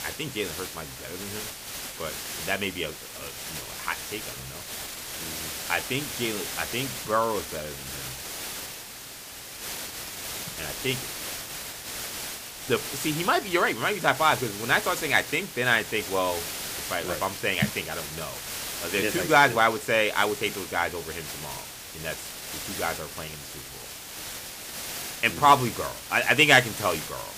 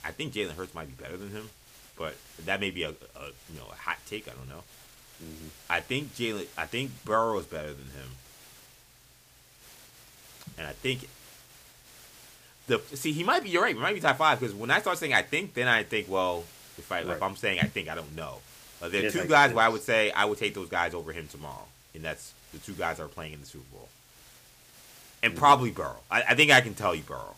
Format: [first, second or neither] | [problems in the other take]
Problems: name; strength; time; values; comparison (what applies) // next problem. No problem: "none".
second | hiss; loud; throughout; 9 dB below the speech; faint in the second